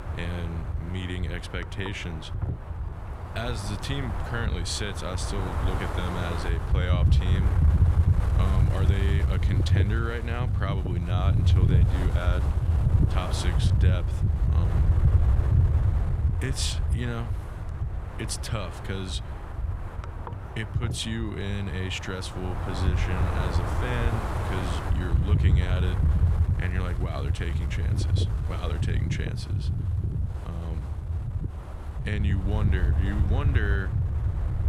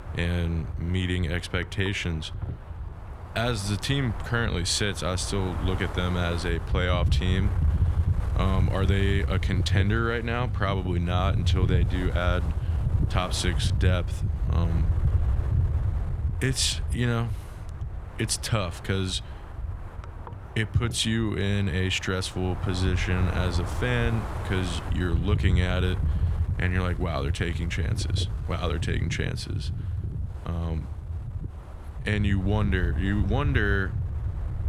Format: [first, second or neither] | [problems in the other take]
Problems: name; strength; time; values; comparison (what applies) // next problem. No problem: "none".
second | wind noise on the microphone; heavy; 3 dB below the speech; occasional gusts in the second